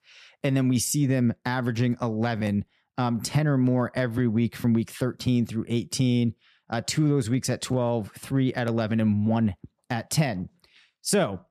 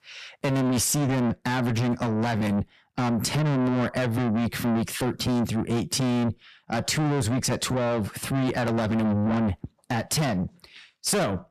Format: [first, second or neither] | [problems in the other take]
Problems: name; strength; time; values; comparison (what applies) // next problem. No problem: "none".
first | distortion; heavy; 5 dB below the speech